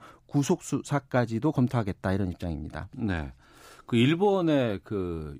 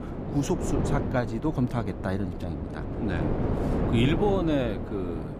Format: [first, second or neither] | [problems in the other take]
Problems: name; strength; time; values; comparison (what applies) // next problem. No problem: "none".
first | wind noise on the microphone; heavy; 4 dB below the speech